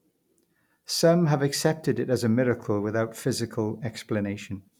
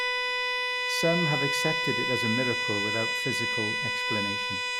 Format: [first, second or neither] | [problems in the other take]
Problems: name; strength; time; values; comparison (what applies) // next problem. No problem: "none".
first | background sound (Bowed string instrument); 4 dB above the speech